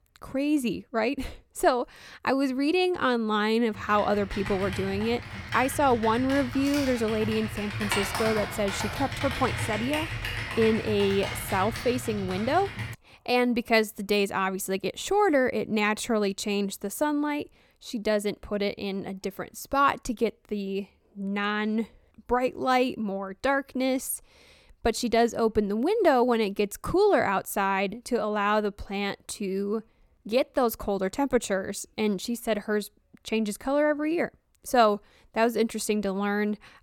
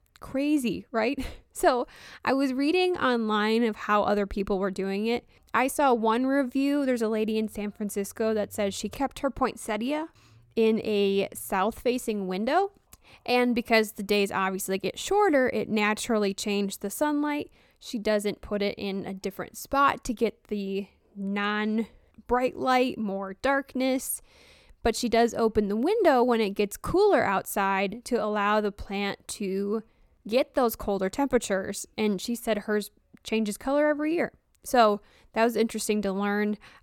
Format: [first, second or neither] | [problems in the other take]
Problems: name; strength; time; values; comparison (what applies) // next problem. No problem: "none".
second | keyboard typing; noticeable; from 4 to 13 s; peak 1 dB below the speech